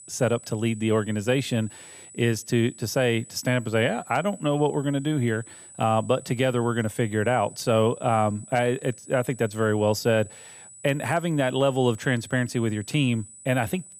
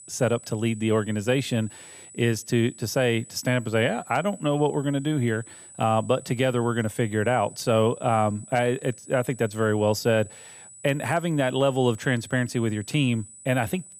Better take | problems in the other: neither | high-pitched whine; noticeable; throughout; 8 kHz, 20 dB below the speech; the same in both

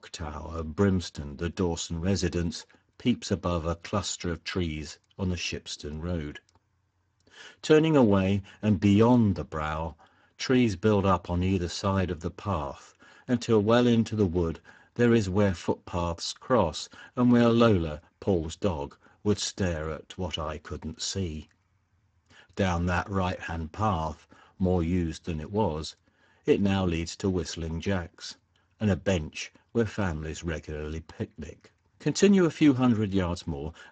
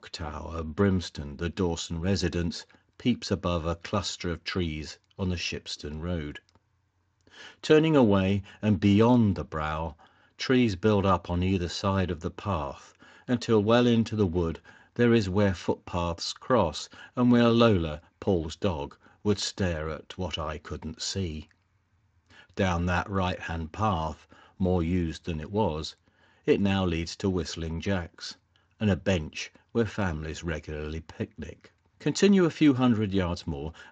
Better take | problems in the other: second | garbled, watery; badly; nothing above 7.5 kHz; slightly in the second

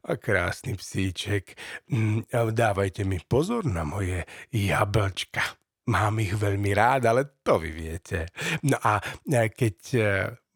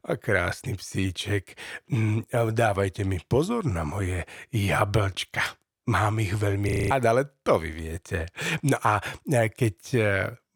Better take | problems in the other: first | audio freezing; at 6.5 s

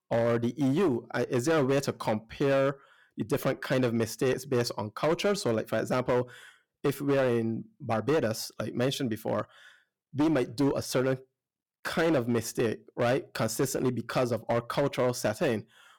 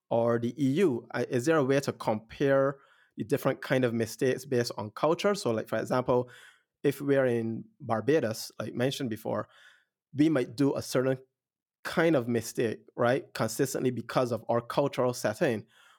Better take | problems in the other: second | distortion; slight; 11% of the sound clipped

